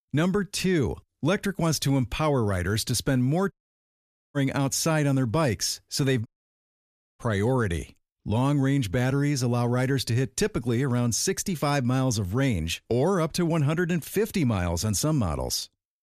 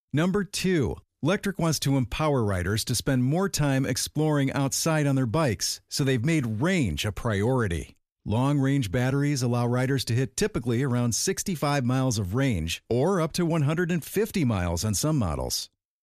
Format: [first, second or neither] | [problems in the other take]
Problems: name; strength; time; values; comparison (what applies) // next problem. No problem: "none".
second | audio cutting out; at 3.5 s for 1 s and at 6.5 s for 1 s